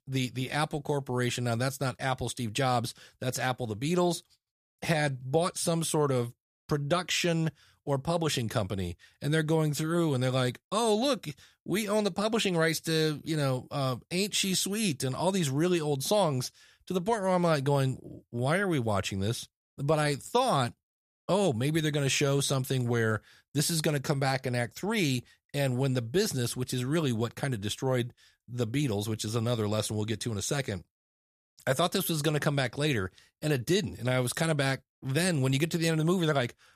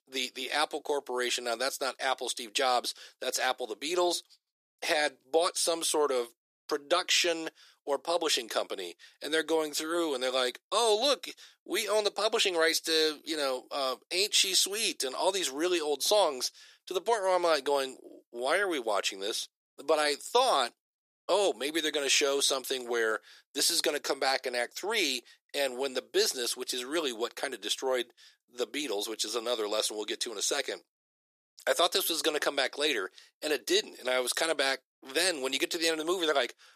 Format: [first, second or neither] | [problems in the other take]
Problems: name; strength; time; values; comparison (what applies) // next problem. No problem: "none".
first | thin; very; fading below 350 Hz